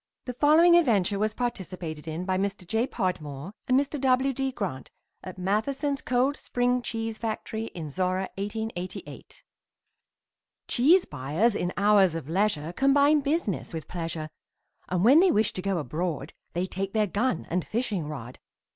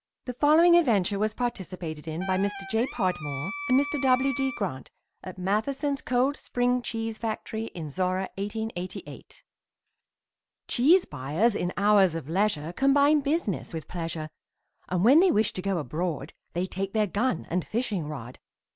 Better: first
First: none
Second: background sound (Wind instrument, woodwind instrument); 10 dB below the speech

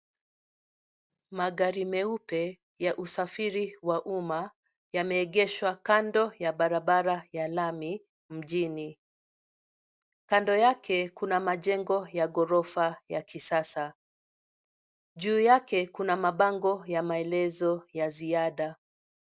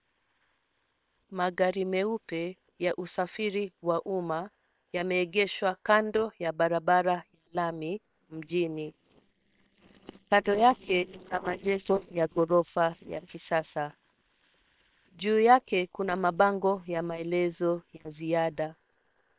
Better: first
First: none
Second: noise reduction (neural separator model SepFormer WHAM!)

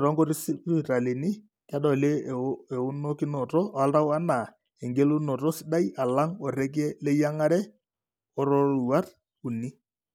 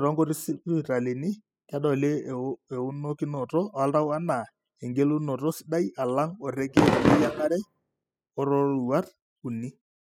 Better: first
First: none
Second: noise reduction (classical method spectral subtraction)

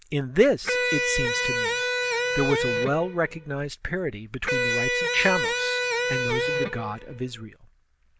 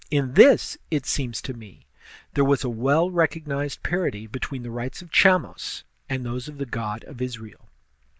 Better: second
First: background sound (Electric guitar); 2 dB above the speech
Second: none

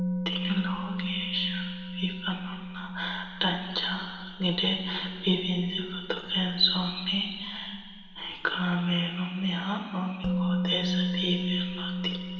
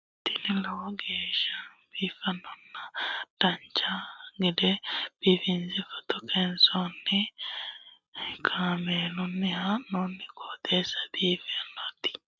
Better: second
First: background sound (Musical instrument); 4 dB below the speech // room echo; dies away in 1.9 s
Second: none

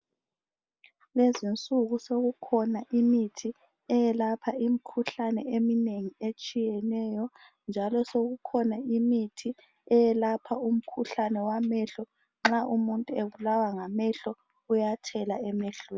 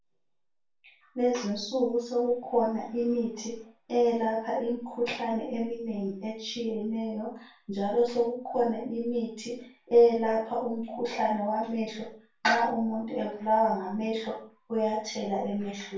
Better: first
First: none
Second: room echo; dies away in 0.3 s

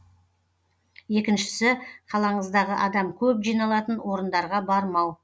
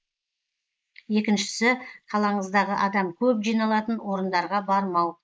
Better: first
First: none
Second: noise reduction (neural mask model Resemble Enhance denoiser)

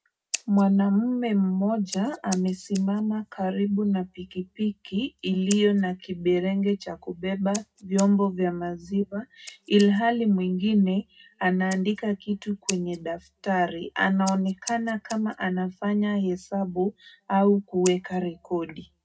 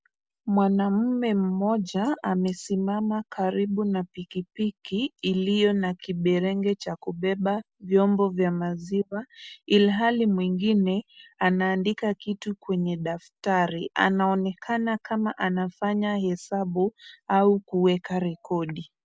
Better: second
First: background sound (Scissors); 19 dB below the speech // room echo; dies away in 0.2 s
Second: none

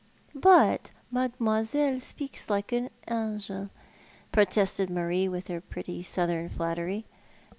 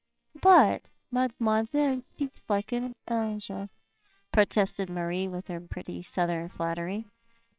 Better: first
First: none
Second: noise reduction (neural separator model SepFormer WHAMR!)

